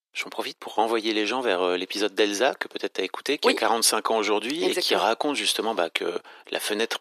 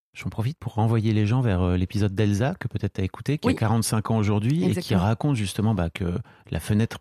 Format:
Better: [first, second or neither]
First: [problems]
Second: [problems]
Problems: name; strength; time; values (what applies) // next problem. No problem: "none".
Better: second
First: thin; very; fading below 350 Hz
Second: none